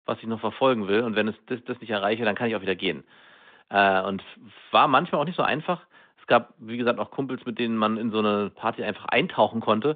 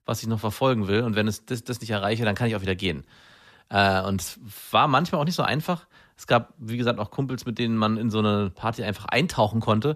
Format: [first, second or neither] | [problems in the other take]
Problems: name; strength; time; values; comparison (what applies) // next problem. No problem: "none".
second | phone-call audio; nothing above 3.5 kHz